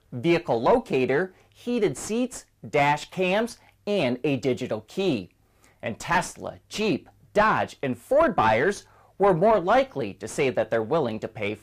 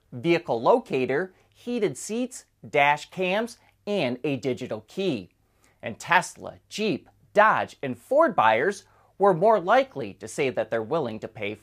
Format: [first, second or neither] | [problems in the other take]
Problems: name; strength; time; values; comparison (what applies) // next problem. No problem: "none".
second | distortion; slight; 9 dB below the speech